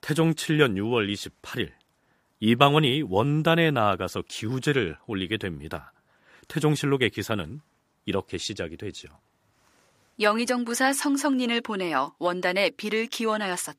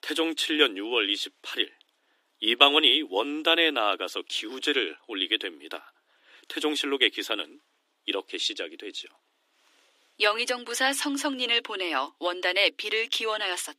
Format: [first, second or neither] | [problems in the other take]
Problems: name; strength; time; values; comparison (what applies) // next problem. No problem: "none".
first | thin; somewhat; fading below 300 Hz